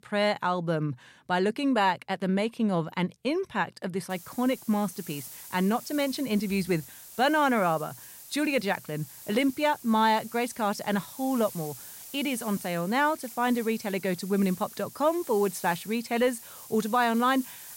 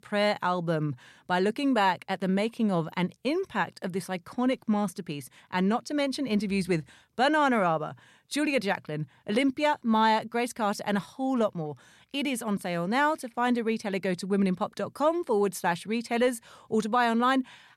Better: second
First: hiss; noticeable; from 4 s on; 15 dB below the speech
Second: none

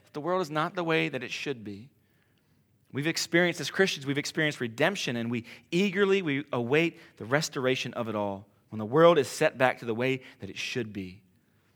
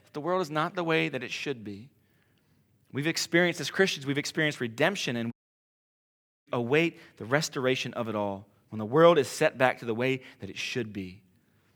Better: first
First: none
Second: audio cutting out; at 5.5 s for 1 s

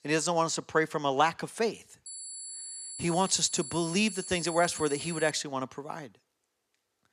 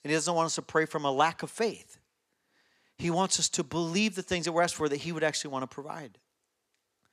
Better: second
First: high-pitched whine; loud; from 2 to 5.5 s; 10.5 kHz, 10 dB below the speech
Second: none

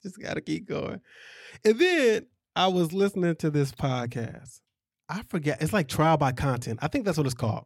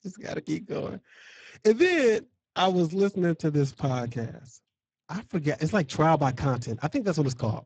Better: first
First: none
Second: garbled, watery; badly; nothing above 7.5 kHz

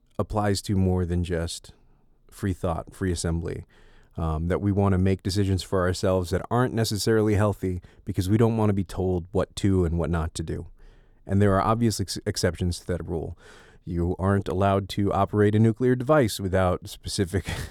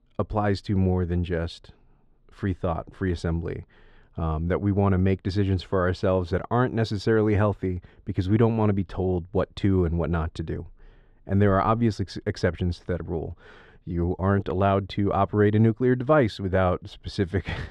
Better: first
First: none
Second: muffled; slightly; fading above 3 kHz

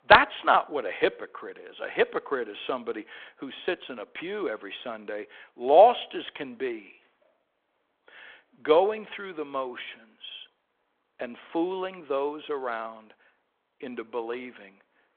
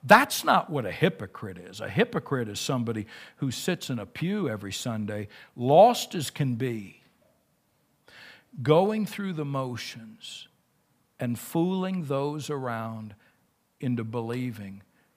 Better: second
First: phone-call audio; nothing above 4 kHz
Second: none

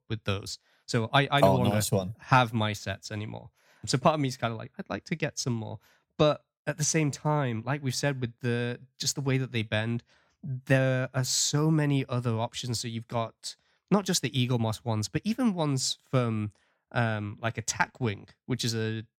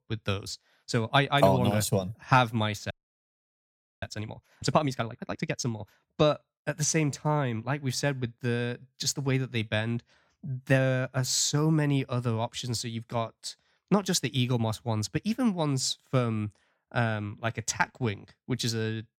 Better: first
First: none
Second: audio freezing; at 3 s for 1 s

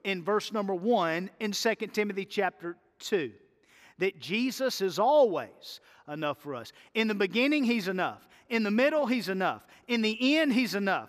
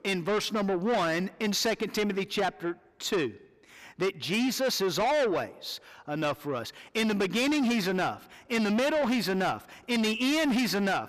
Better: first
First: none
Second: distortion; heavy; 7 dB below the speech

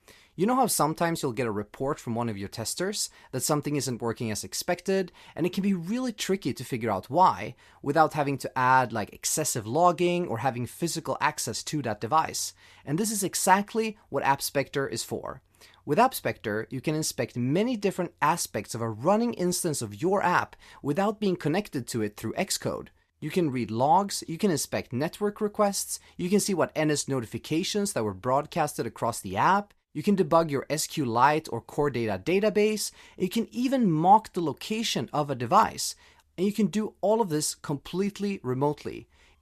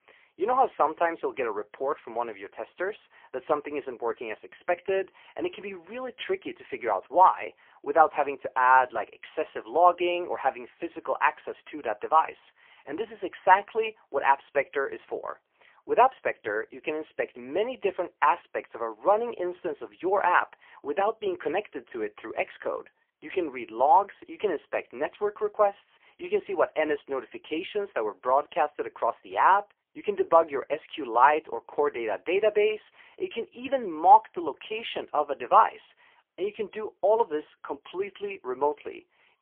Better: first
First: none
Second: phone-call audio; poor line; nothing above 3 kHz

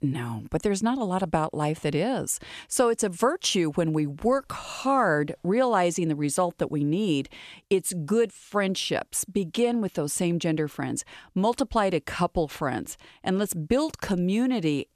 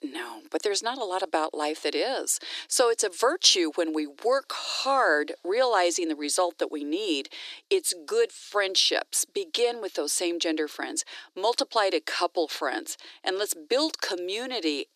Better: first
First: none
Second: thin; very; fading below 300 Hz

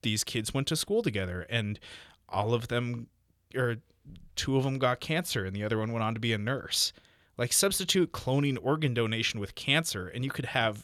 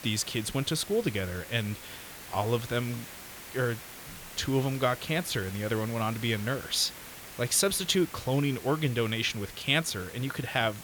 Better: first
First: none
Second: hiss; noticeable; throughout; 15 dB below the speech

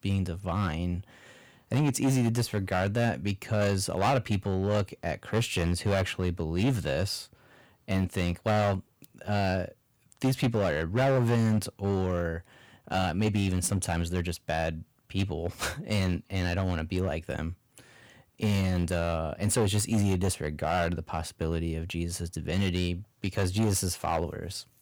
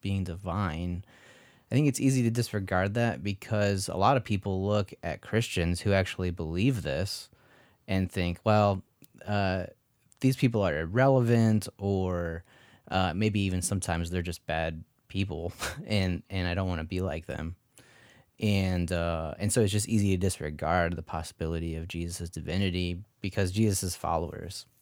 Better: second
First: distortion; slight; 8% of the sound clipped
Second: none

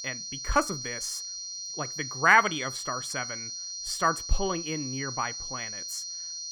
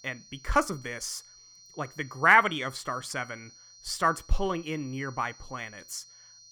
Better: second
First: high-pitched whine; loud; throughout; 6 kHz, 6 dB below the speech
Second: high-pitched whine; faint; throughout; 6 kHz, 25 dB below the speech

